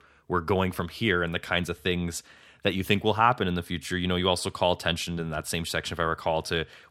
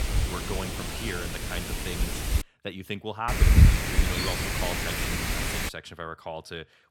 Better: first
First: none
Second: wind noise on the microphone; heavy; until 2.5 s and from 3.5 to 5.5 s; 5 dB above the speech

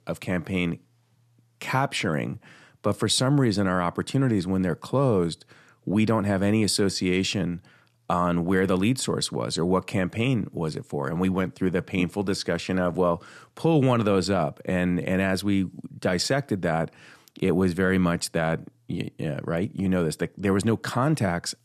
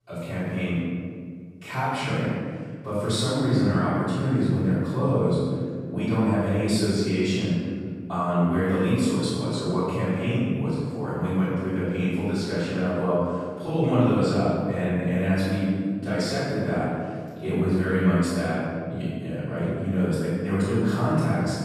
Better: first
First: none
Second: off-mic speech; far // room echo; strong; dies away in 1.9 s

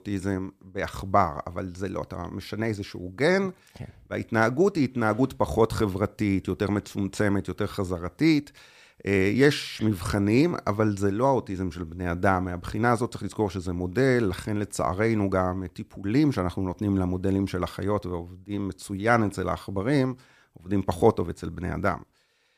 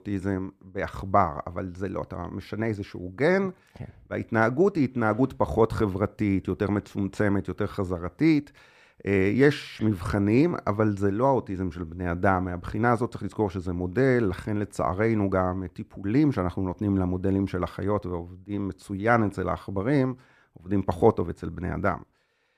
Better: first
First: none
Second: muffled; slightly; fading above 3 kHz

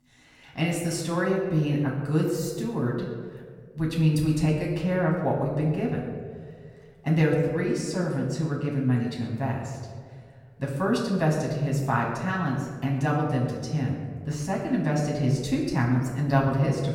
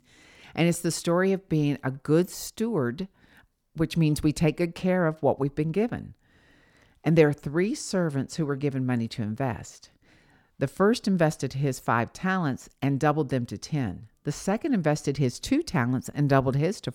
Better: second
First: off-mic speech; far // room echo; noticeable; dies away in 1.4 s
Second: none

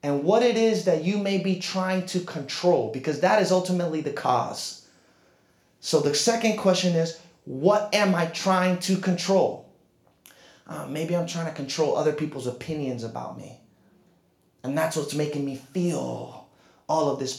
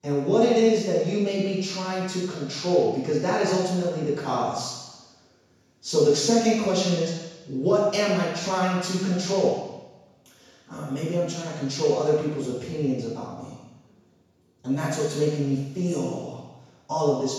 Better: first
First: room echo; slight; dies away in 0.4 s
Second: room echo; strong; dies away in 1.1 s // off-mic speech; far

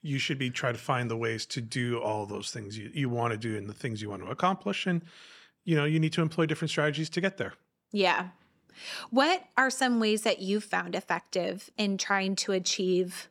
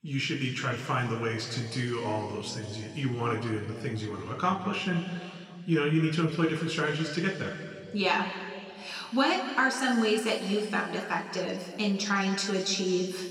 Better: first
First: none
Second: room echo; noticeable; dies away in 2.3 s // off-mic speech; somewhat distant

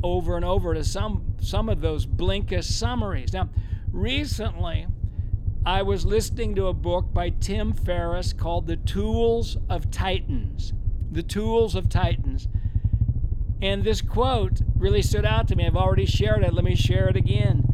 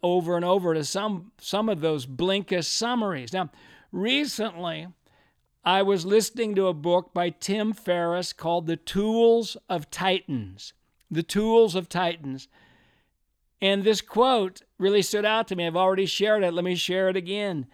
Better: second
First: low rumble; noticeable; throughout; 15 dB below the speech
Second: none

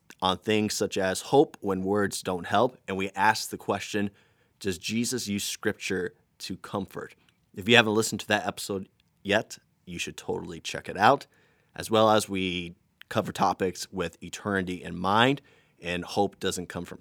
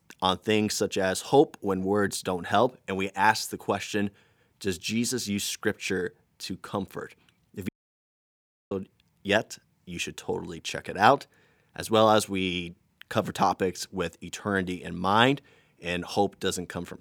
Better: first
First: none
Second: audio cutting out; at 7.5 s for 1 s

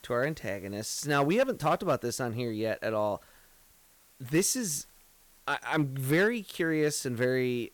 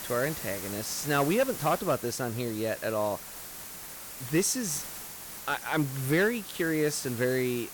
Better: first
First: hiss; faint; throughout; 30 dB below the speech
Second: hiss; loud; throughout; 9 dB below the speech

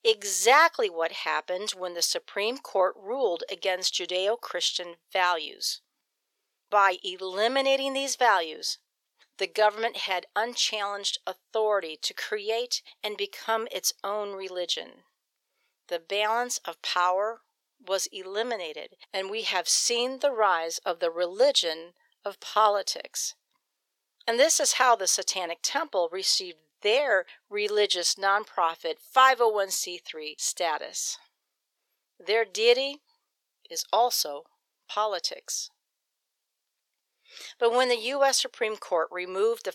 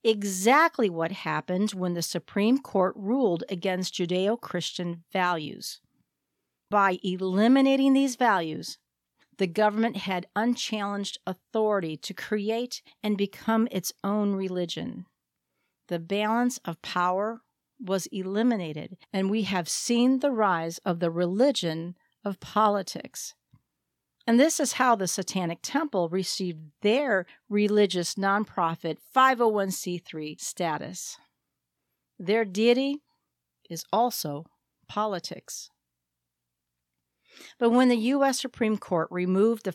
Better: second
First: thin; very; fading below 450 Hz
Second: none

